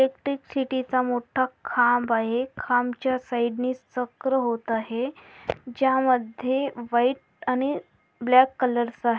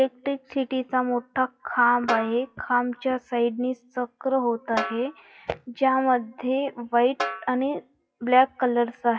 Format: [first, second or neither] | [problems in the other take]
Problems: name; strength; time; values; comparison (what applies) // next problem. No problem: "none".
first | noise reduction (classical method WPE with log-MMSE)